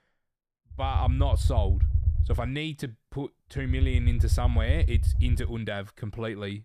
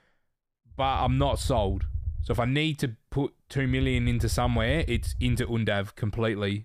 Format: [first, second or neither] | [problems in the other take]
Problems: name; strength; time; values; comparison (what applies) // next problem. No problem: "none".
second | low rumble; loud; from 1 to 2.5 s and from 3.5 to 5.5 s; 10 dB below the speech; faint in the second